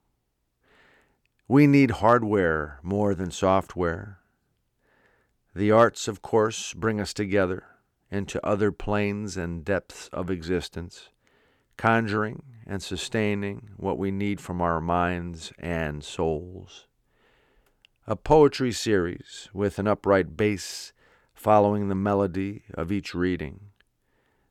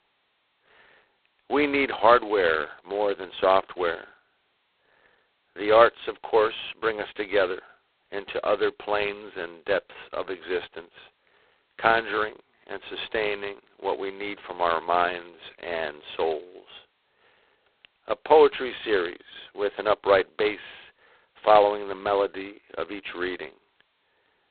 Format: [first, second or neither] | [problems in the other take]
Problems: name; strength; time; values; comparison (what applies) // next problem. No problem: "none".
first | phone-call audio; poor line; nothing above 4 kHz